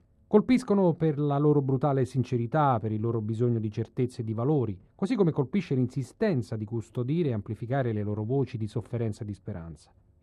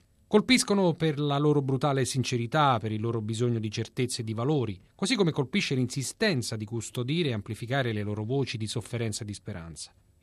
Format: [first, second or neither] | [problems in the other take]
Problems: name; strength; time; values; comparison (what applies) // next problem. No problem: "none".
second | muffled; very; fading above 2 kHz